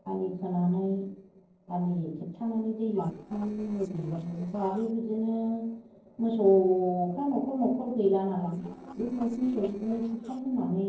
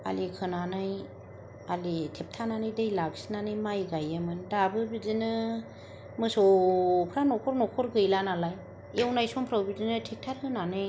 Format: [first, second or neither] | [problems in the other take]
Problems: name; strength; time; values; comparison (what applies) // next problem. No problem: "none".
second | noise reduction (neural separator model SepFormer DNS4)